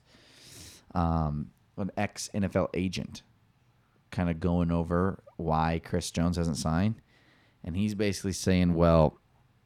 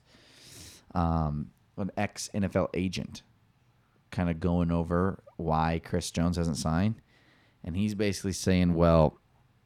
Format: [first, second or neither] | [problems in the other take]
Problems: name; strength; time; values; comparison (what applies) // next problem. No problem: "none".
neither | none